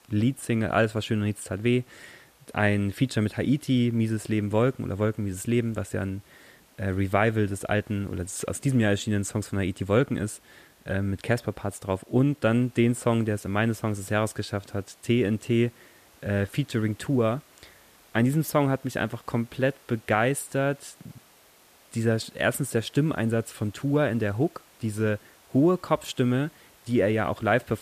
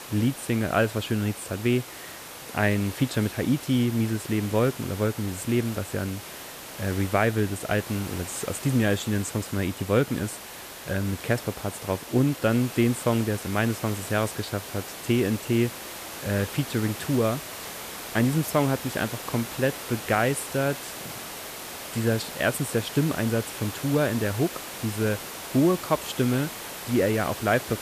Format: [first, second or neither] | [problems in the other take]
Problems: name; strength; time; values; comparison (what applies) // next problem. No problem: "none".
first | hiss; loud; throughout; 10 dB below the speech; faint in the first